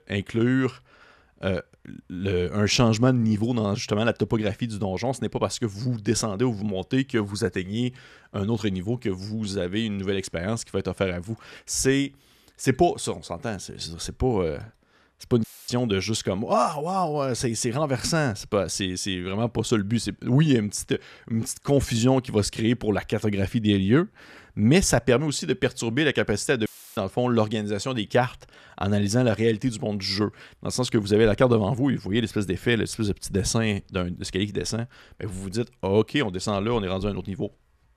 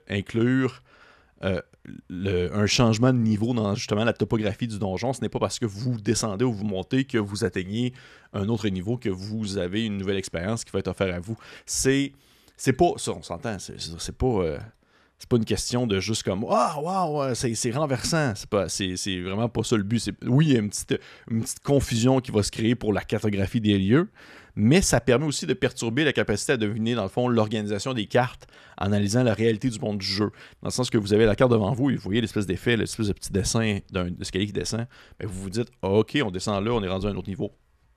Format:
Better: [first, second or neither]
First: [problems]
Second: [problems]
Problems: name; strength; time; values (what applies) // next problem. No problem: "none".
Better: second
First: audio cutting out; filled with static; at 15 s and at 27 s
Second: none